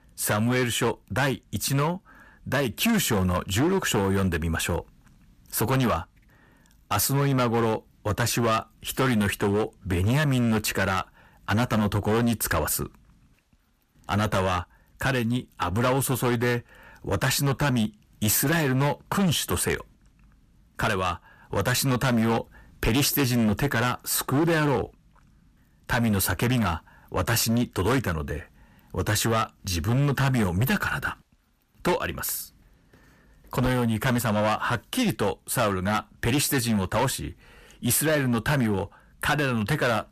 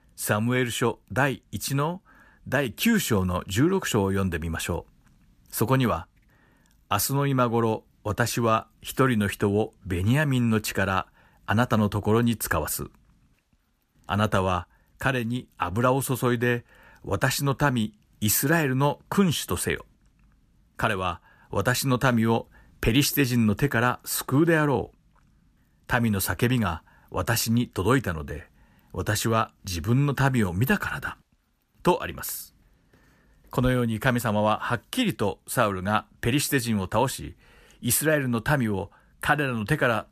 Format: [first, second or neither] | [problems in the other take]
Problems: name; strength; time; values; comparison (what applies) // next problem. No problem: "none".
second | distortion; heavy; 13% of the sound clipped